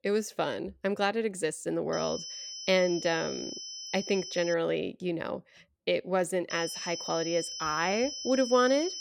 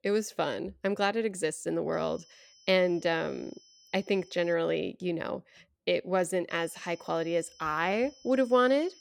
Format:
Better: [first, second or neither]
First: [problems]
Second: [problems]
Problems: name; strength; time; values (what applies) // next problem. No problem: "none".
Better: second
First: high-pitched whine; loud; from 2 to 4.5 s and from 6.5 s on; 5 kHz, 7 dB below the speech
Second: high-pitched whine; faint; from 2 to 4.5 s and from 6.5 s on; 5 kHz, 25 dB below the speech